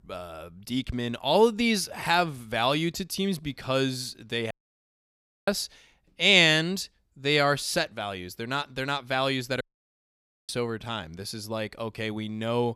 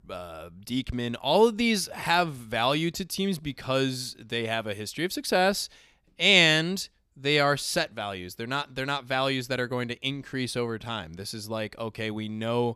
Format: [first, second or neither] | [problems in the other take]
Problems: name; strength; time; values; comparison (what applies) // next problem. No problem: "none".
second | audio cutting out; at 4.5 s for 1 s and at 9.5 s for 1 s